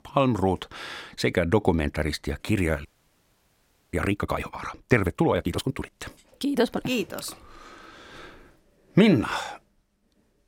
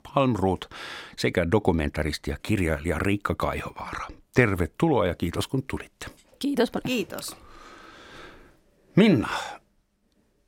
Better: second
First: audio freezing; at 3 s for 1 s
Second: none

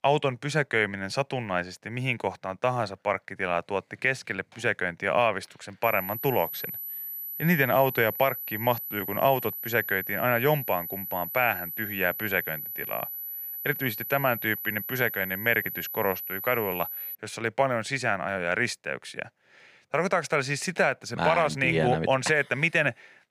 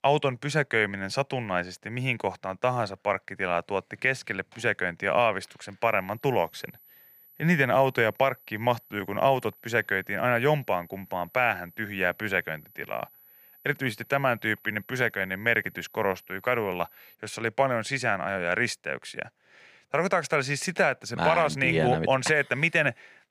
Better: second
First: high-pitched whine; loud; from 6 to 17 s; 12 kHz, 6 dB below the speech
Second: high-pitched whine; faint; from 6 to 17 s; 12 kHz, 25 dB below the speech

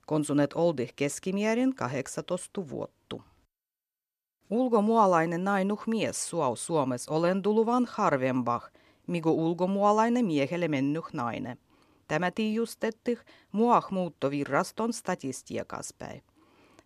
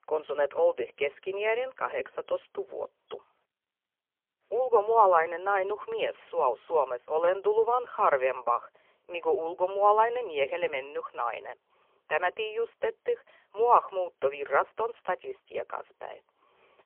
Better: first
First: none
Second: phone-call audio; poor line; nothing above 3 kHz

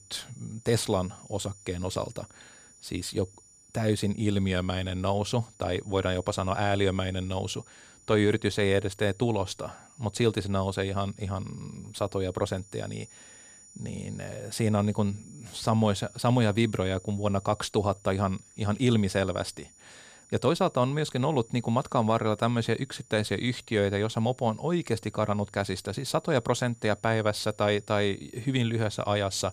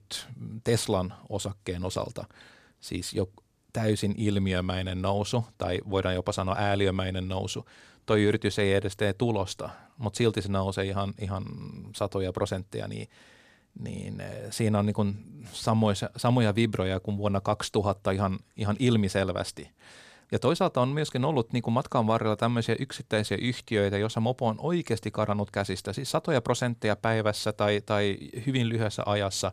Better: second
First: high-pitched whine; faint; throughout; 7 kHz, 25 dB below the speech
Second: none

